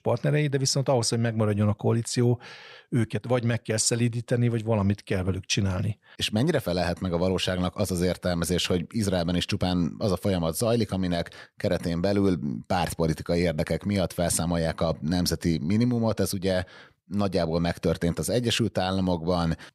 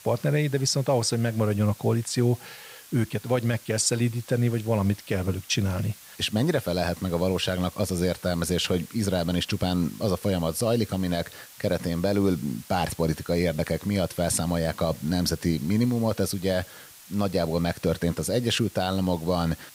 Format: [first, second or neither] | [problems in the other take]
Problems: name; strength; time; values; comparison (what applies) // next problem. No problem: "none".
first | hiss; noticeable; throughout; 20 dB below the speech